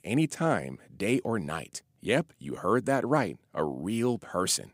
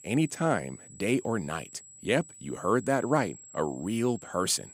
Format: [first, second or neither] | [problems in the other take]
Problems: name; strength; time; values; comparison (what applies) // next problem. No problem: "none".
first | high-pitched whine; noticeable; throughout; 7.5 kHz, 20 dB below the speech